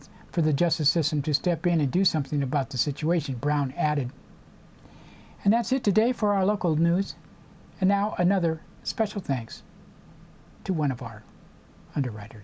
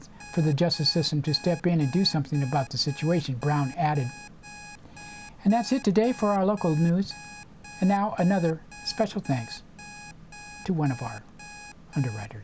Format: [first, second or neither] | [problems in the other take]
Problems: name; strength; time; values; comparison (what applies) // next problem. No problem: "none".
first | background sound (Alarm); 19 dB below the speech